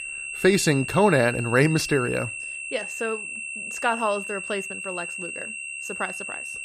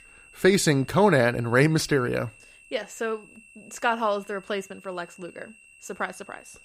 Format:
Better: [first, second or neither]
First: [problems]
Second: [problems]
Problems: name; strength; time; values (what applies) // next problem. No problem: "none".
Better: second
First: high-pitched whine; loud; throughout; 2.5 kHz, 7 dB below the speech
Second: high-pitched whine; faint; throughout; 2.5 kHz, 25 dB below the speech